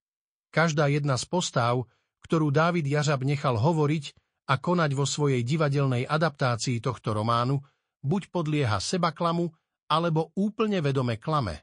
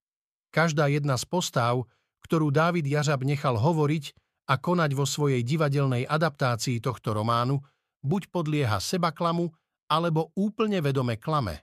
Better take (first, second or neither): second